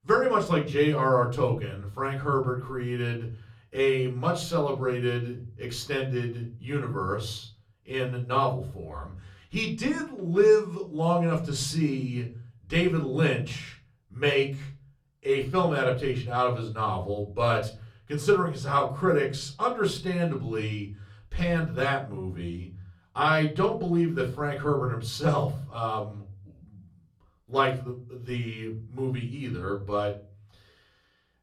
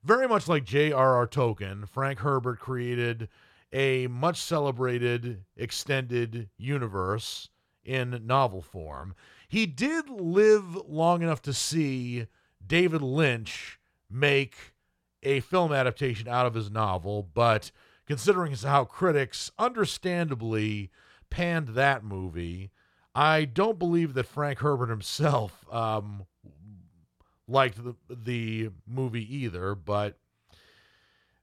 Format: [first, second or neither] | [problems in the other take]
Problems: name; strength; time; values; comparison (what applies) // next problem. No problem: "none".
second | off-mic speech; far // room echo; very slight; dies away in 0.4 s